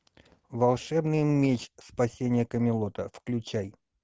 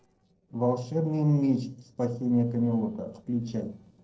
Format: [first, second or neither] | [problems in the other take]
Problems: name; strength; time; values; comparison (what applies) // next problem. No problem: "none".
first | noise reduction (neural separator model SepFormer DNS4)